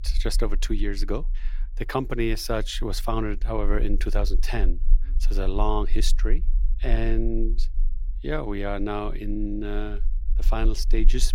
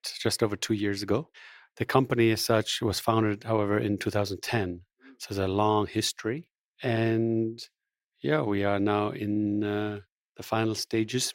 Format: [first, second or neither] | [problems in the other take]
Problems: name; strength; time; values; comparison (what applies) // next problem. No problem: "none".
second | low rumble; faint; throughout; 25 dB below the speech